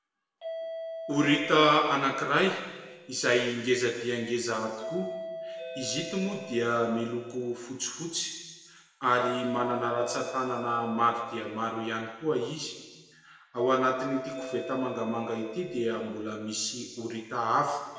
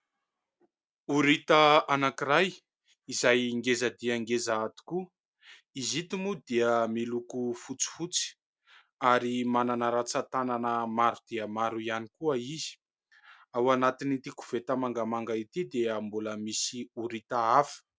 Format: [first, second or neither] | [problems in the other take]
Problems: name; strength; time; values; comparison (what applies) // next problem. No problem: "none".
second | background sound (Doorbell); 12 dB below the speech // room echo; dies away in 1.3 s